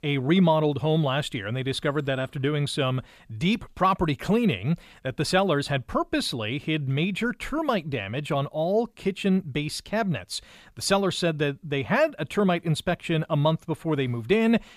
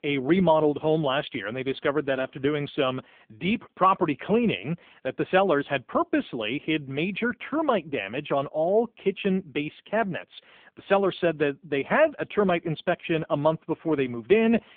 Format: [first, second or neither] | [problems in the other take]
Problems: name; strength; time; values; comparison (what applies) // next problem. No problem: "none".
first | phone-call audio; poor line